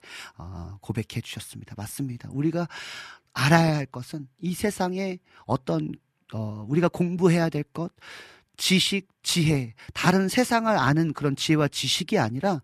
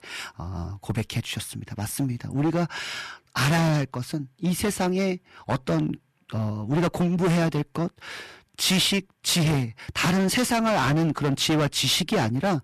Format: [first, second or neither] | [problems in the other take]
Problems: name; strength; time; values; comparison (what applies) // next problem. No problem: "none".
first | distortion; heavy; 15% of the sound clipped